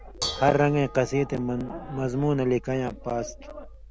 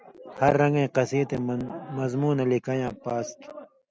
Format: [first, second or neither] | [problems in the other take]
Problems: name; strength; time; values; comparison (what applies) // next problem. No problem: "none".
second | background sound (Dishes, pots, and pans / Bell); 14 dB below the speech